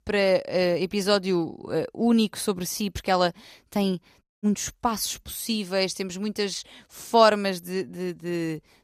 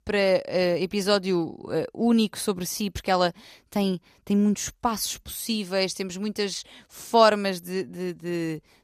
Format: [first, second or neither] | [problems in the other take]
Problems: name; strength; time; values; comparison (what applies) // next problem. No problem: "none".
second | audio cutting out; at 4 s